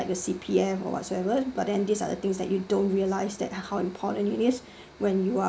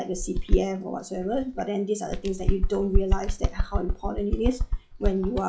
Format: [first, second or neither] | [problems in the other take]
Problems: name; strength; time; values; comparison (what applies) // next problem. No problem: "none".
first | noise reduction (classical method log-MMSE)